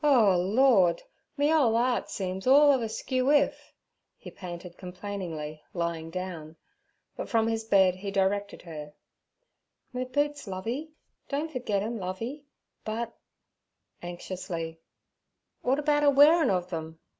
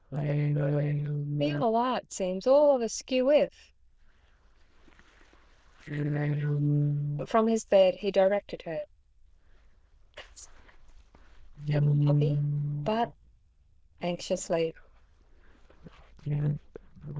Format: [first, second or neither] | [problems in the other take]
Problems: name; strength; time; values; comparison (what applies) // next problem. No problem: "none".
first | noise reduction (neural diffusion model UNIVERSE++)